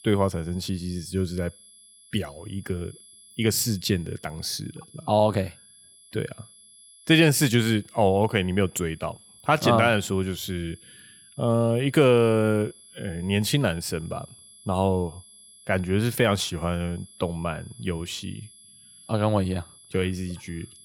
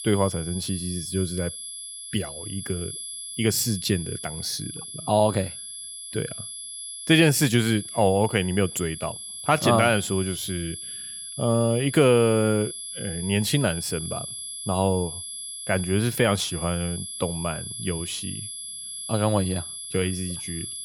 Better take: first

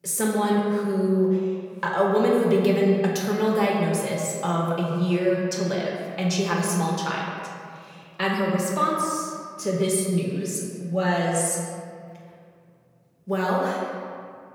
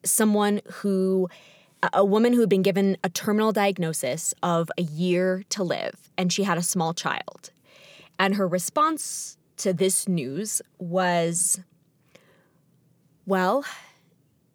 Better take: second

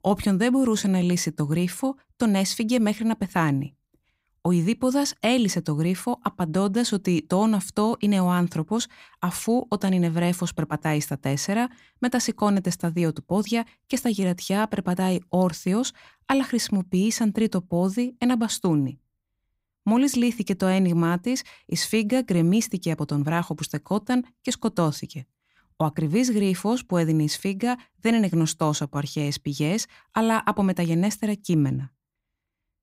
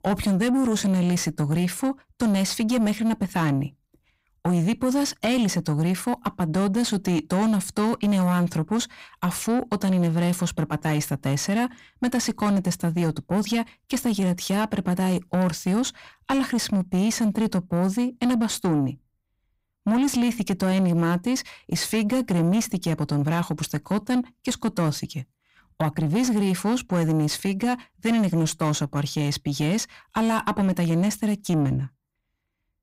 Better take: first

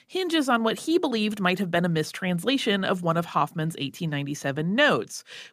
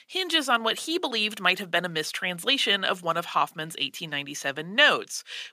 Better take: first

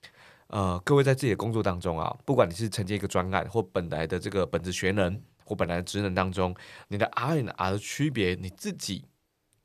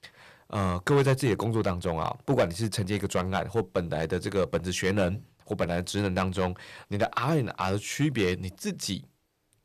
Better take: first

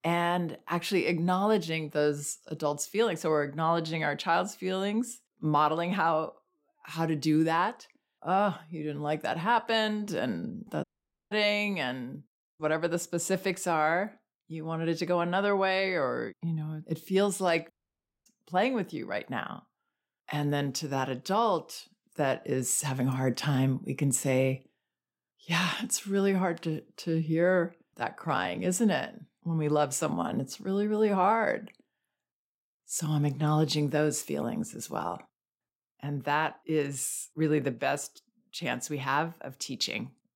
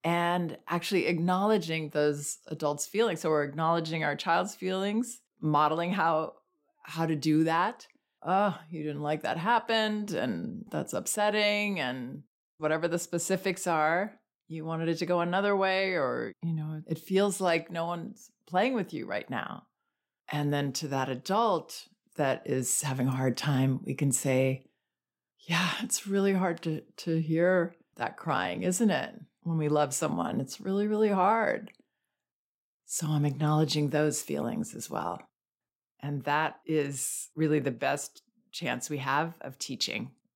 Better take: second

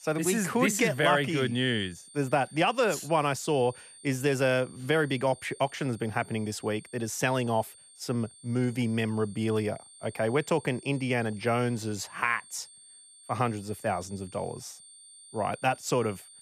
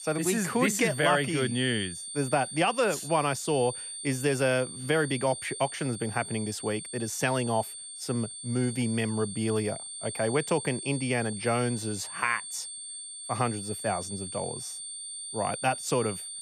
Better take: first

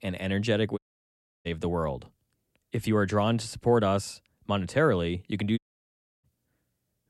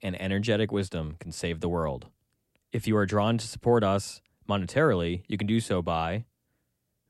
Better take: second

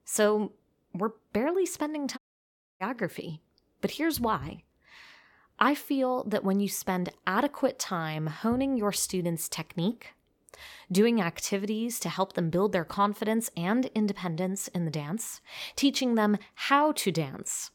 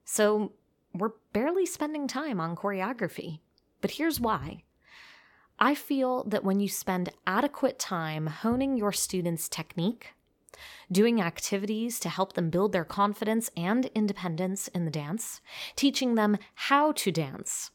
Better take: second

